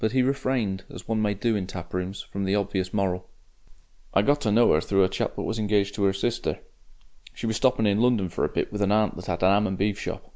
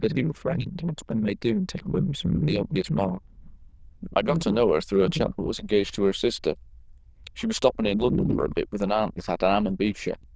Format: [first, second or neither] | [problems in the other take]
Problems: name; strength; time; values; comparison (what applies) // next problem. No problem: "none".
first | noise reduction (neural diffusion model UNIVERSE++)